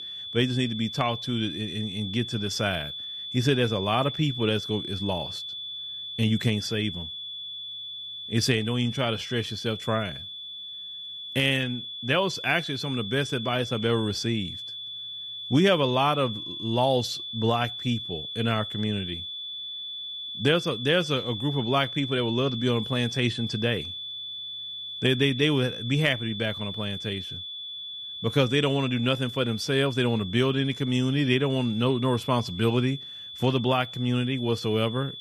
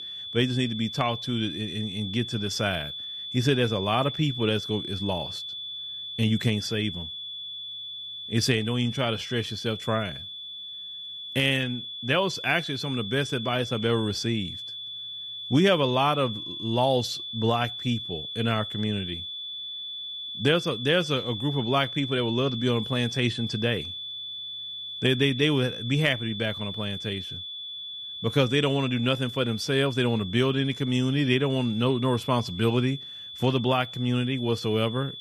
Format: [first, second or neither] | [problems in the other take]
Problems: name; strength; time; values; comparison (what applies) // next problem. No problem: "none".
neither | high-pitched whine; loud; throughout; 3.5 kHz, 8 dB below the speech; the same in both